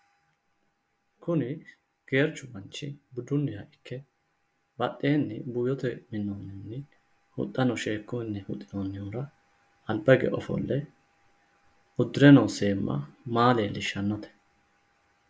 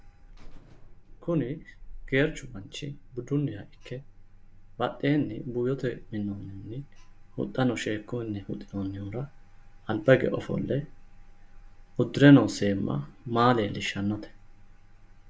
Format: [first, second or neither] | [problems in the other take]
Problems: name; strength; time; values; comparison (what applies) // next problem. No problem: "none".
first | background sound (Alarm); 18 dB below the speech